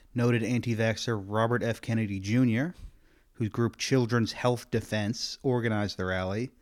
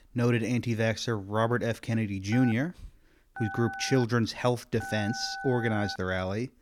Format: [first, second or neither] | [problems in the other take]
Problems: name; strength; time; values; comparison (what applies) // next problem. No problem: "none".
first | phone ringing; noticeable; from 2.5 to 6 s; peak 8 dB below the speech